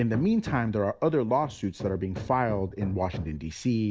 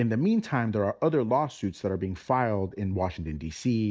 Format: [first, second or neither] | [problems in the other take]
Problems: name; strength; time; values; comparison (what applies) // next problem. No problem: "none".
second | background sound (Hammer); 14 dB below the speech